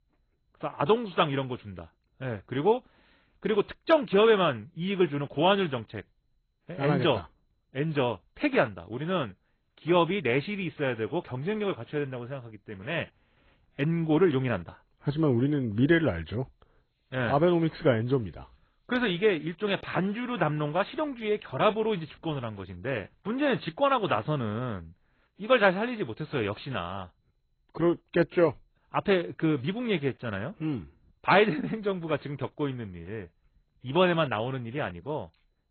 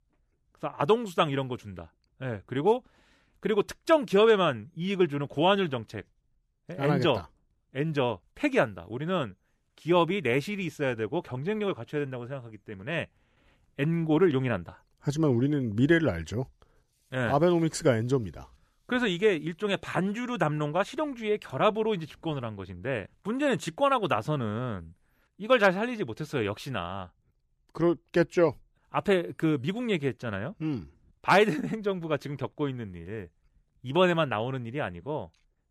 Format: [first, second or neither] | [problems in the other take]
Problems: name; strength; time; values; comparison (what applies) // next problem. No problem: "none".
second | garbled, watery; badly; nothing above 3.5 kHz